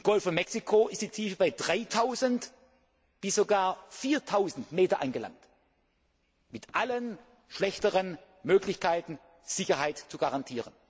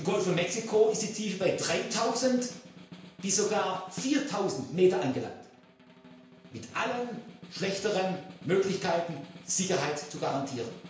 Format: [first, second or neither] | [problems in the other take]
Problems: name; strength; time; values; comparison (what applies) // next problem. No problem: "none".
first | background sound (Snare drum); 18 dB below the speech // room echo; dies away in 0.5 s